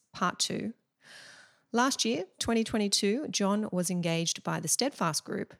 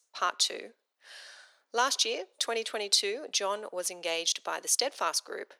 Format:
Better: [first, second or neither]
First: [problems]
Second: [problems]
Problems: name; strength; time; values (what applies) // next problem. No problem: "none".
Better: first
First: none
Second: thin; very; fading below 450 Hz